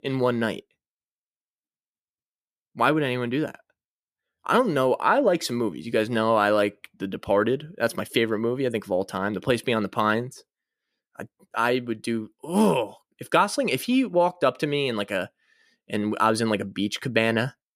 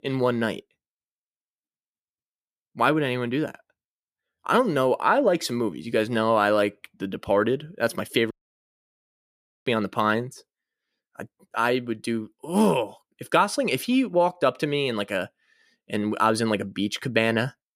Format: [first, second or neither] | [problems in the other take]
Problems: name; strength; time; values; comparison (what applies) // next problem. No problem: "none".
first | audio cutting out; at 8.5 s for 1.5 s